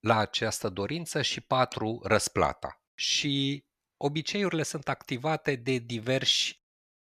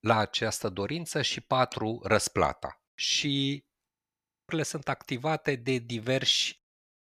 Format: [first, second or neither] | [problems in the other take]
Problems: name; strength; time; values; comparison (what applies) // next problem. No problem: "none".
first | audio freezing; at 4 s for 0.5 s